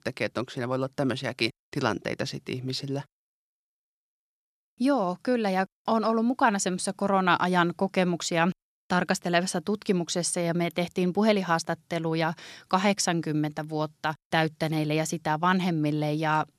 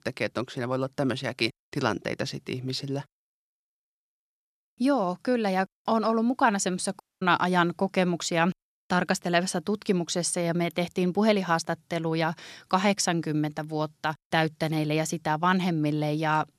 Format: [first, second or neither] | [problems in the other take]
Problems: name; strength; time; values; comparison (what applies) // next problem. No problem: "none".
first | audio cutting out; at 7 s